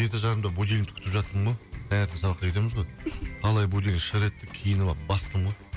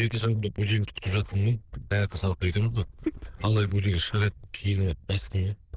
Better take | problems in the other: first | noise reduction (neural diffusion model UNIVERSE++)

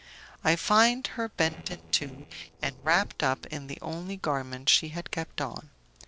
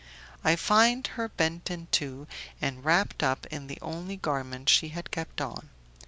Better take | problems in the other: second | noise reduction (neural separator model SepFormer DNS4)

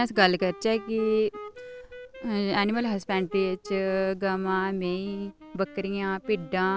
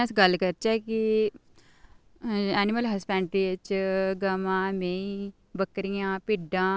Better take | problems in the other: second | background sound (Wind instrument, woodwind instrument); 16 dB below the speech

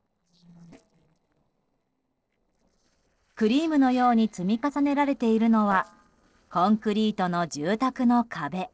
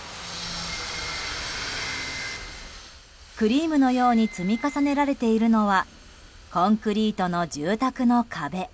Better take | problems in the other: second | noise reduction (neural separator model SepFormer DNS4)

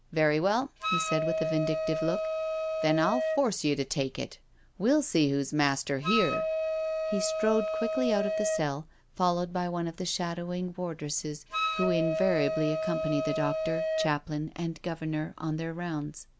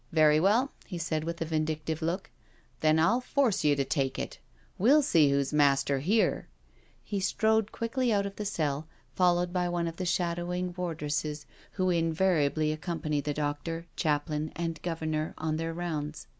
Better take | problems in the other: second | background sound (Wind instrument, woodwind instrument); 2 dB below the speech

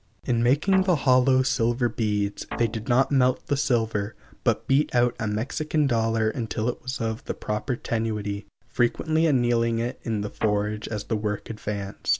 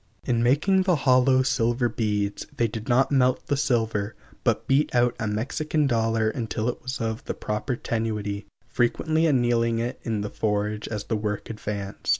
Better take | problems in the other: second | background sound (Guitar); 15 dB below the speech

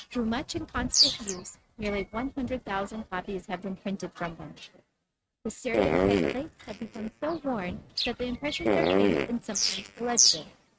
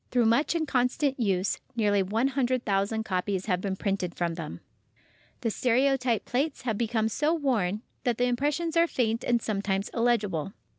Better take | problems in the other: second | noise reduction (neural mask model RNNoise)

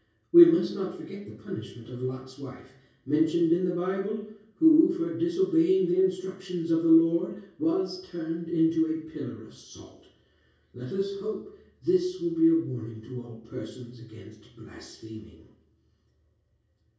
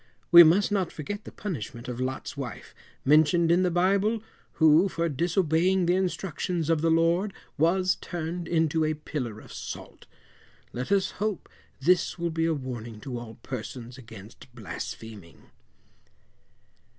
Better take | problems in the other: second | room echo; dies away in 0.6 s

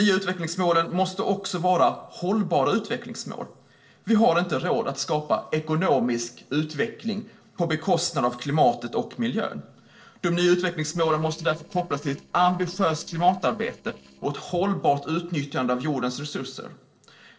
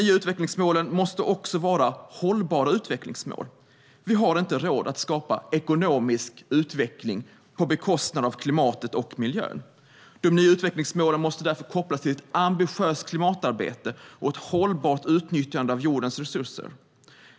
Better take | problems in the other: second | noise reduction (neural separator model SepFormer DNS4)

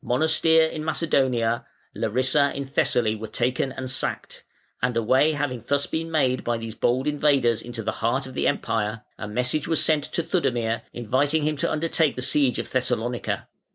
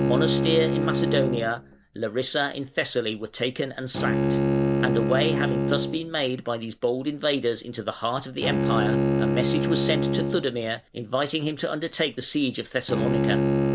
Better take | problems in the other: first | background sound (Bowed string instrument); 1 dB above the speech

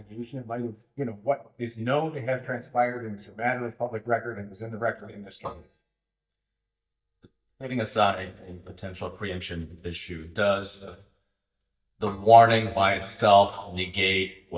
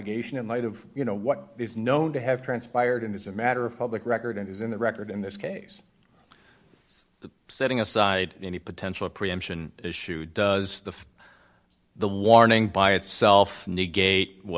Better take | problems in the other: second | noise reduction (neural mask model DeepFilterNet 3)

